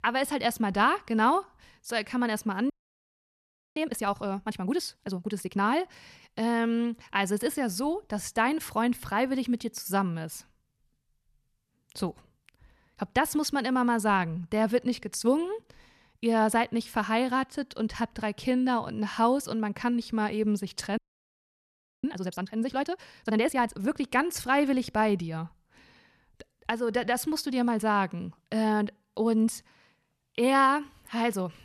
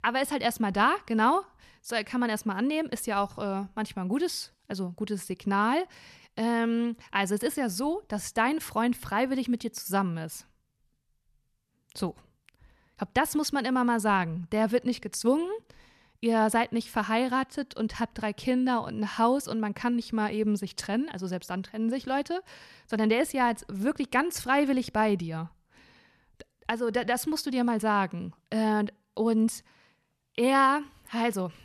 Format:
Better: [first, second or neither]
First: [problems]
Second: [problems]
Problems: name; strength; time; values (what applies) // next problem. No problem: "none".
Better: second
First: audio freezing; at 2.5 s for 1 s and at 21 s for 1 s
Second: none